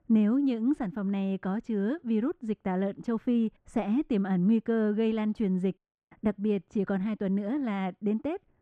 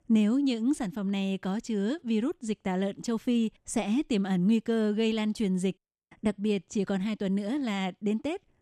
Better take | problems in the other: second | muffled; very; fading above 3 kHz

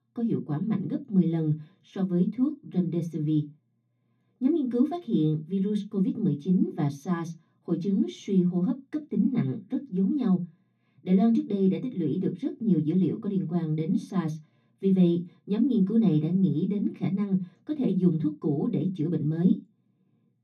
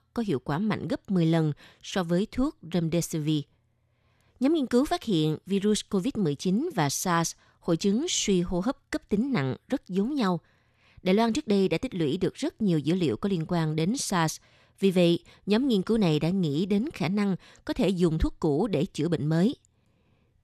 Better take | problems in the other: second | room echo; slight; dies away in 0.3 s // off-mic speech; far

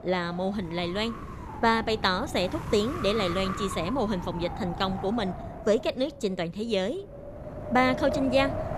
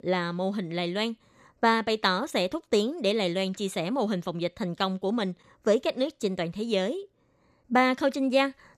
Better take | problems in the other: second | wind noise on the microphone; heavy; 9 dB below the speech

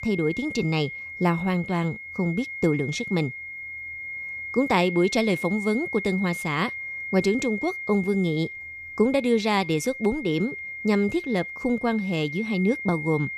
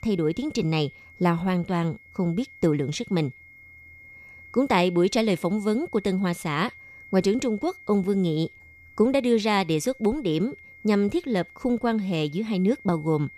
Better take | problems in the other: second | high-pitched whine; loud; throughout; 2 kHz, 8 dB below the speech; faint in the second

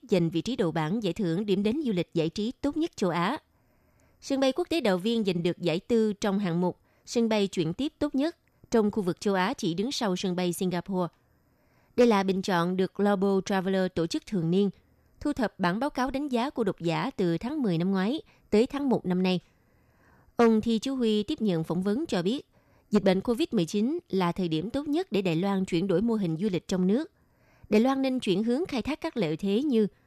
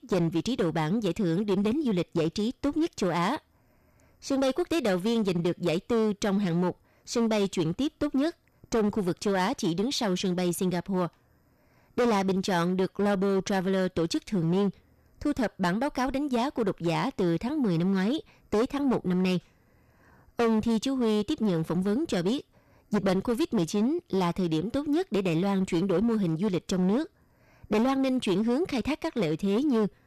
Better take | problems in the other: first | distortion; slight; 10% of the sound clipped

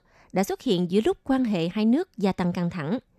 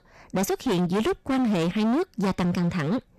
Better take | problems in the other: first | distortion; heavy; 30% of the sound clipped

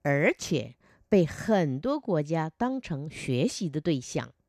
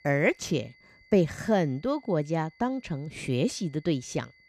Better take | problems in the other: first | high-pitched whine; faint; throughout; 2 kHz, 30 dB below the speech

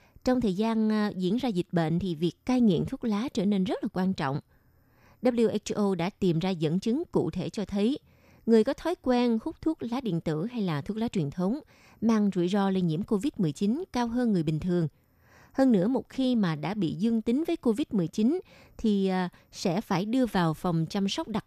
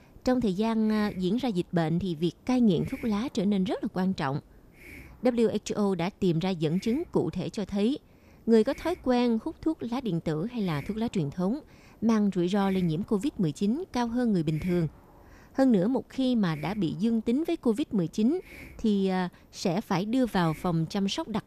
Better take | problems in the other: first | hiss; faint; throughout; 25 dB below the speech

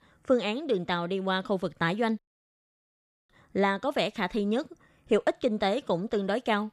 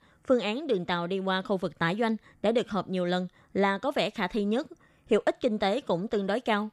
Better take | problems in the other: second | audio cutting out; at 2 s for 1 s

